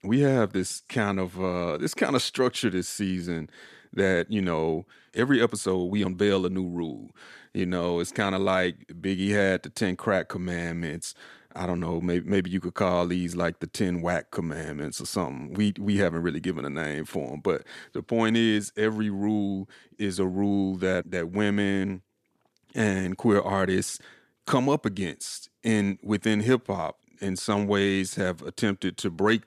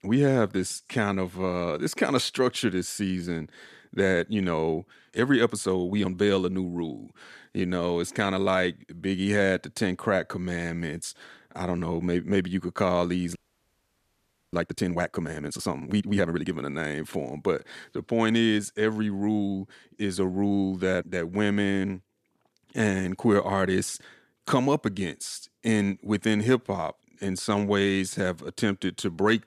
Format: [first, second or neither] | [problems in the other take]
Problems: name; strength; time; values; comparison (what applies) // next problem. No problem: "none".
first | audio freezing; at 13 s for 1 s